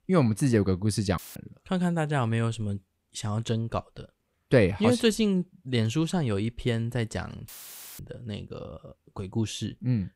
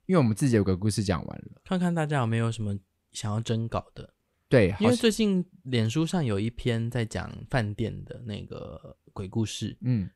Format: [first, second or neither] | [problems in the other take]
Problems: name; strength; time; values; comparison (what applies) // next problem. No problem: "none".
second | audio cutting out; filled with static; at 1 s and at 7.5 s for 0.5 s